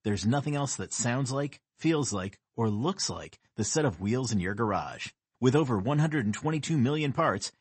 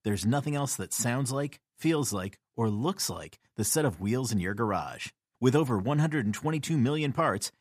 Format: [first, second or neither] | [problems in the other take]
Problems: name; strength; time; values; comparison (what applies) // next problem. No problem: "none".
second | garbled, watery; slightly; nothing above 8 kHz